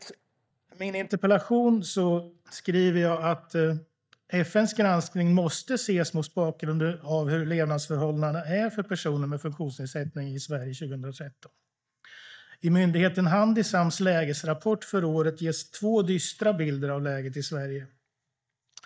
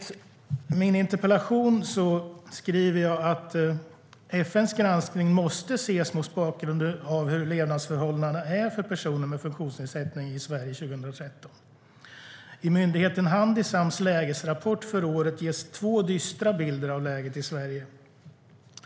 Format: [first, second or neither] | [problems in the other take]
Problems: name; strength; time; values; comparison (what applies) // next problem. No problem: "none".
second | noise reduction (neural mask model DeepFilterNet 3)